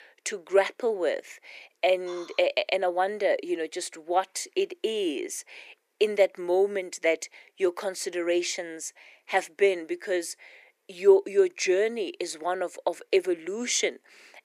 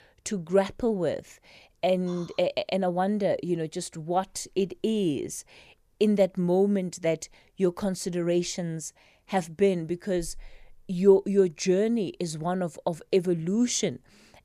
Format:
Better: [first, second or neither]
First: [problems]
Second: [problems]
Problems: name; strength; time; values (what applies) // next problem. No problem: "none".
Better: second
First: thin; very; fading below 300 Hz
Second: none